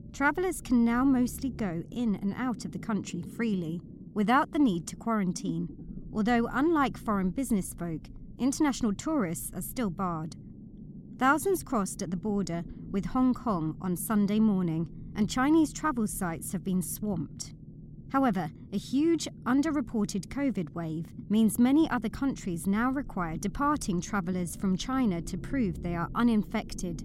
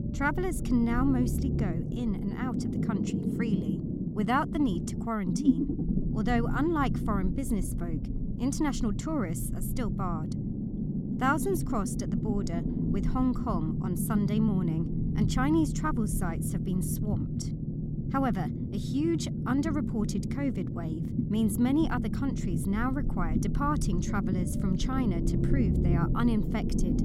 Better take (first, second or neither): first